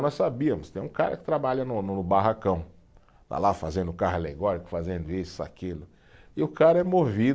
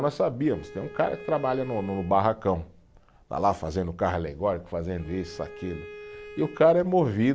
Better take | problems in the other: first | background sound (Bowed string instrument); 18 dB below the speech

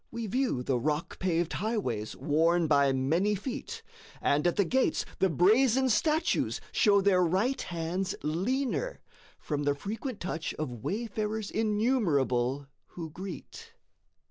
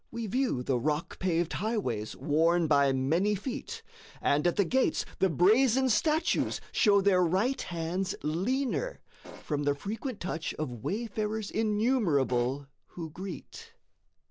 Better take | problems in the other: first | background sound (Fart); 16 dB below the speech

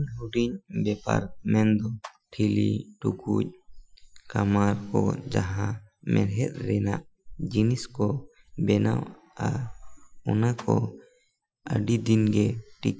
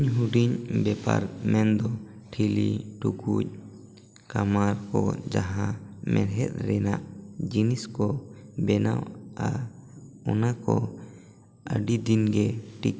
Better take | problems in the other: second | noise reduction (classical method Wiener filter)

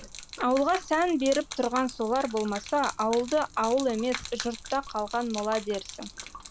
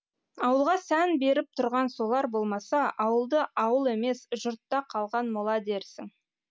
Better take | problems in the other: second | background sound (Gurgling / Liquid); 13 dB below the speech

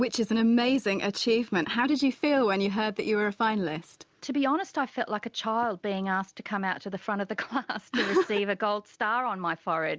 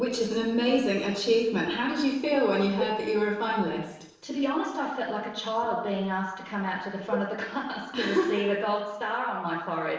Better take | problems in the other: first | noise reduction (neural separator model SepFormer DNS4)

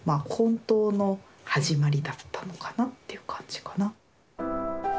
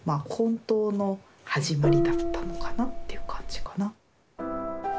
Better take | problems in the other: first | background sound (Gong); 3 dB above the speech

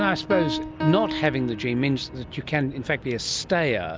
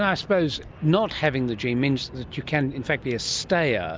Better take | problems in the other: second | background sound (Piano); 8 dB below the speech

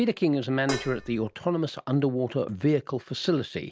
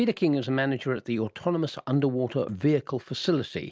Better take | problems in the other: second | background sound (Dishes, pots, and pans); 9 dB below the speech

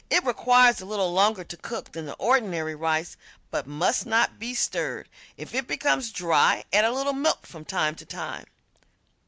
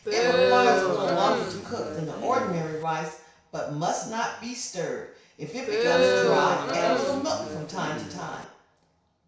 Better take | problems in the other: first | background sound (Crowd); 3 dB above the speech // room echo; dies away in 0.6 s

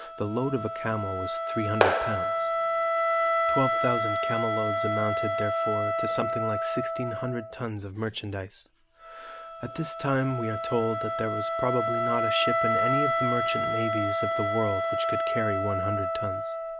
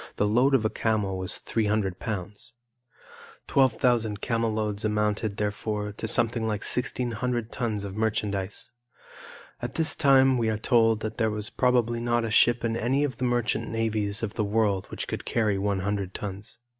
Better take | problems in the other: second | background sound (Clapping + Wind instrument, woodwind instrument); 4 dB above the speech

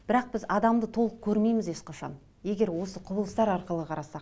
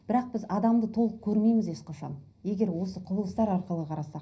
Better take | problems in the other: first | room echo; dies away in 0.4 s

